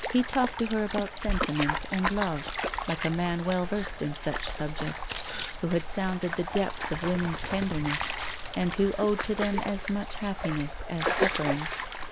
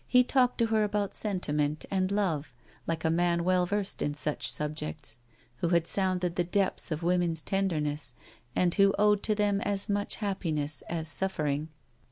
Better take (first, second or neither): second